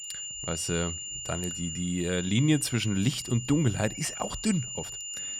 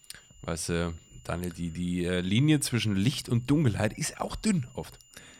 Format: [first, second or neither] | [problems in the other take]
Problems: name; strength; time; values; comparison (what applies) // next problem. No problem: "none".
second | high-pitched whine; loud; throughout; 7 kHz, 7 dB below the speech; faint in the second